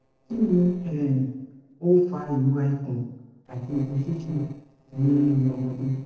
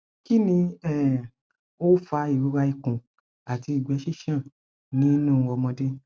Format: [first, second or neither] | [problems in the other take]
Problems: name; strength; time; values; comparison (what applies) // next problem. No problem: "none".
second | noise reduction (neural separator model SepFormer DNS4)